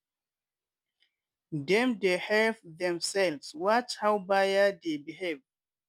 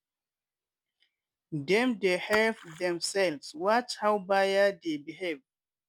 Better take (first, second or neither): first